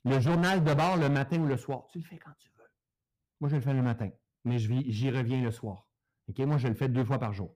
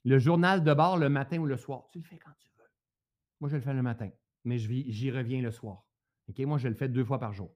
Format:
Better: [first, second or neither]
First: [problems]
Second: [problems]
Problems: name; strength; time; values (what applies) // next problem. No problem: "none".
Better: second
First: distortion; heavy; 11% of the sound clipped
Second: none